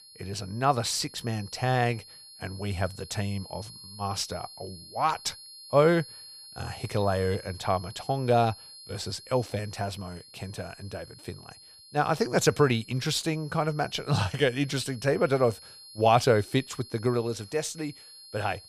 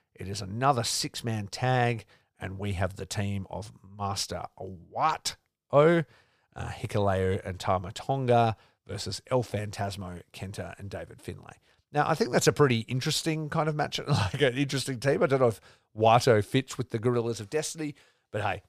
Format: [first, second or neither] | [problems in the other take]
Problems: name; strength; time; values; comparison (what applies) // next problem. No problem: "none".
second | high-pitched whine; noticeable; throughout; 4.5 kHz, 20 dB below the speech